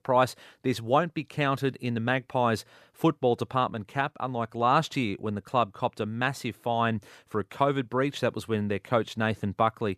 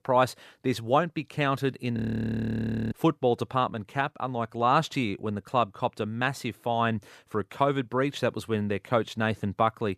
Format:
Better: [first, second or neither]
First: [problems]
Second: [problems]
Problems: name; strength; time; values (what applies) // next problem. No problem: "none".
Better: first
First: none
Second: audio freezing; at 2 s for 1 s